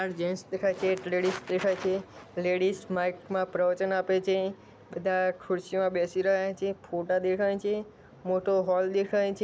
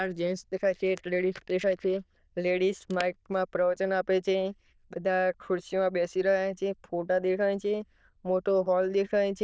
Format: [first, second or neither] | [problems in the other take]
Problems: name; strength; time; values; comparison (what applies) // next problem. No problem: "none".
first | noise reduction (neural diffusion model UNIVERSE++)